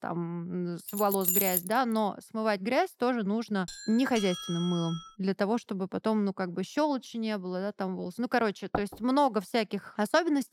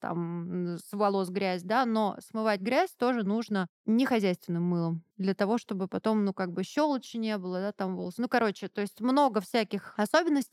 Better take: second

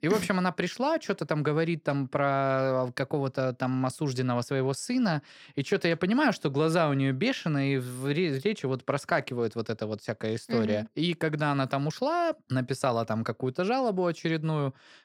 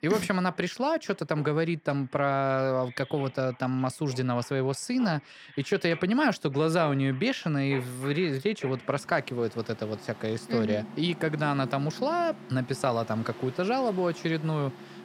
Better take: first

